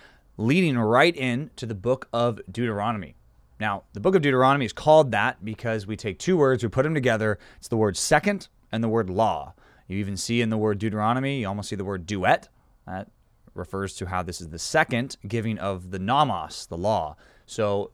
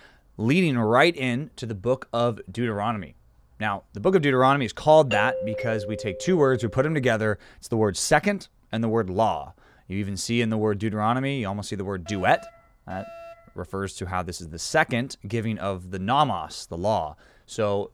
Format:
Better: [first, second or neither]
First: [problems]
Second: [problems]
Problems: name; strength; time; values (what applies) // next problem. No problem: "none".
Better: first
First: none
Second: doorbell; noticeable; from 5 to 6.5 s; peak 3 dB below the speech // alarm; faint; from 12 to 14 s; peak 15 dB below the speech